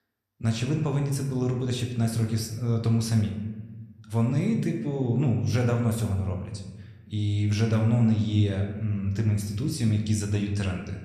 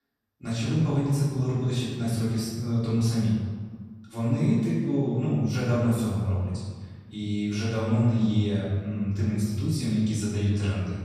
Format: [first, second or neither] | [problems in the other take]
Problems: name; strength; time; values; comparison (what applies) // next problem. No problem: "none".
first | room echo; strong; dies away in 1.4 s; slight in the first // off-mic speech; far